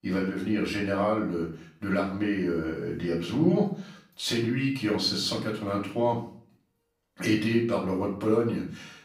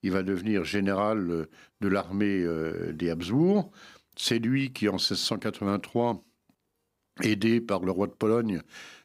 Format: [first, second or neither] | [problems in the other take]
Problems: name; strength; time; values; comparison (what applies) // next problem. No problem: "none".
second | off-mic speech; far // room echo; slight; dies away in 0.4 s